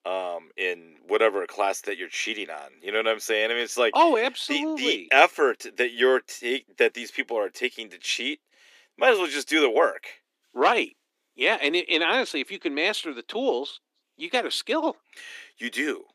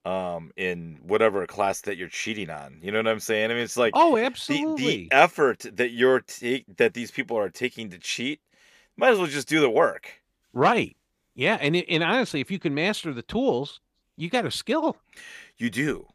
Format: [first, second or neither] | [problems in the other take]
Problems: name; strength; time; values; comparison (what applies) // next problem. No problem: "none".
second | thin; very slightly; fading below 300 Hz